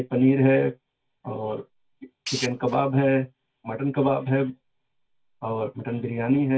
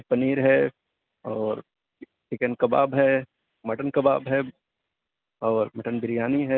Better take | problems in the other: second | background sound (Tools); 10 dB below the speech // room echo; dies away in 0.1 s

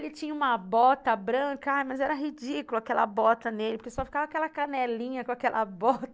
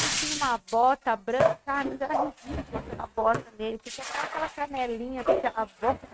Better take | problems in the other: first | noise reduction (neural mask model RNNoise)

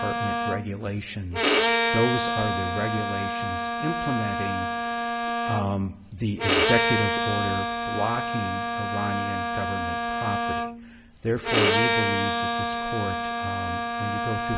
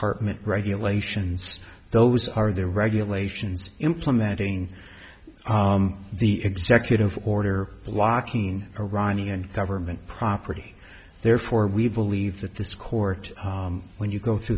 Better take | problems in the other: second | background sound (Bowed string instrument); 4 dB above the speech

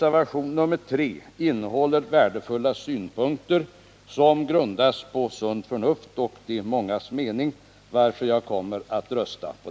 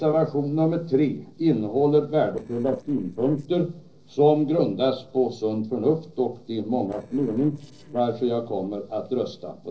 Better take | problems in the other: first | noise reduction (neural separator model SepFormer DNS4)

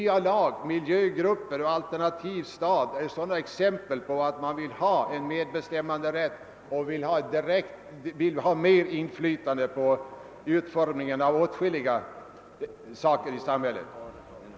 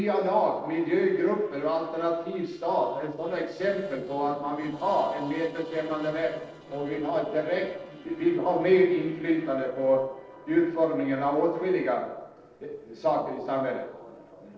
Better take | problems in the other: first | noise reduction (neural separator model SepFormer DNS4)

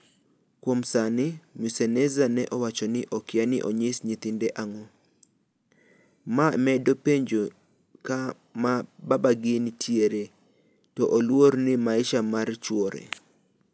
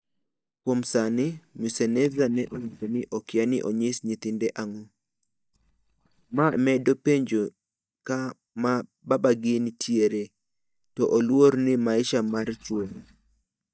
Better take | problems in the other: first | noise reduction (neural mask model DeepFilterNet 3)

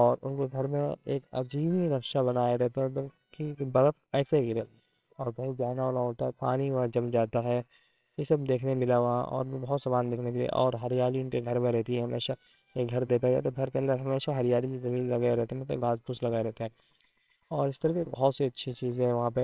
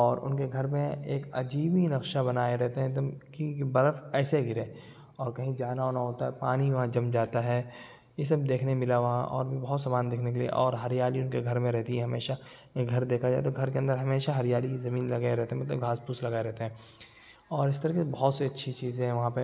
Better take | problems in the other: second | noise reduction (neural separator model SepFormer WHAMR!)

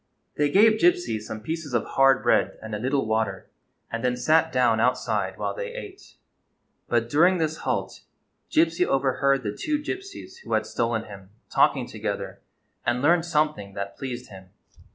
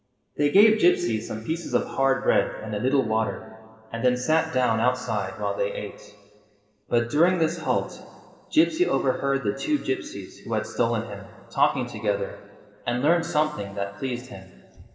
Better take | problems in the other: first | room echo; dies away in 1.7 s

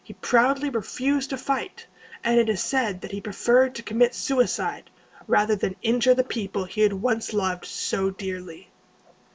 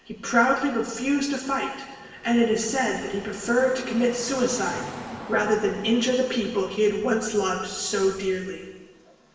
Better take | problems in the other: first | background sound (Car passing by / Traffic noise, roadway noise); 18 dB below the speech // room echo; dies away in 1.2 s

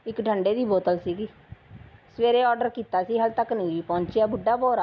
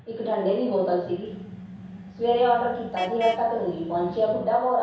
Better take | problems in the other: first | background sound (Vehicle horn, car horn, honking); 16 dB below the speech // room echo; dies away in 0.7 s

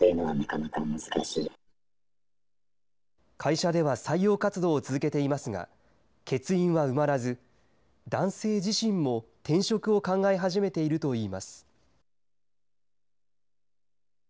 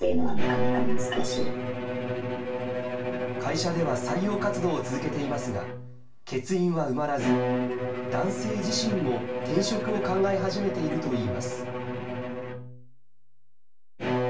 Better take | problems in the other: first | background sound (Bowed string instrument); 3 dB below the speech // room echo; dies away in 0.3 s

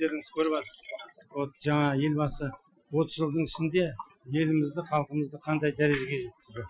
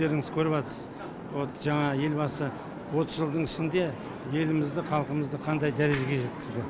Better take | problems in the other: second | noise reduction (classical method Wiener filter)

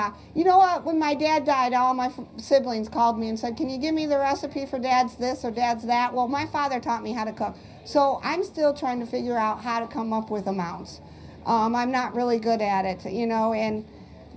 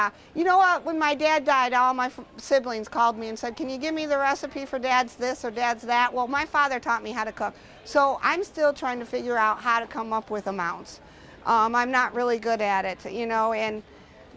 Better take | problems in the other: second | room echo; dies away in 0.4 s

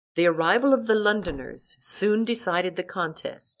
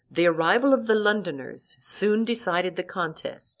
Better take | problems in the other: second | noise reduction (neural mask model DeepFilterNet 3)

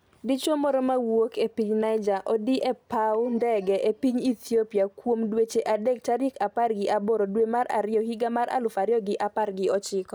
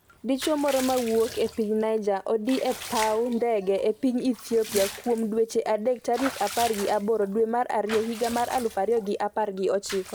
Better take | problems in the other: first | background sound (Bathtub (filling or washing) / Water / Liquid); 14 dB below the speech

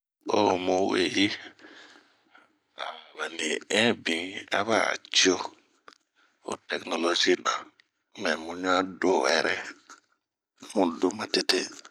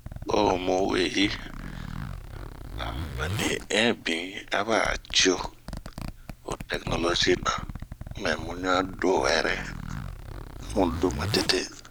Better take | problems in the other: first | background sound (Zipper (clothing)); 8 dB below the speech

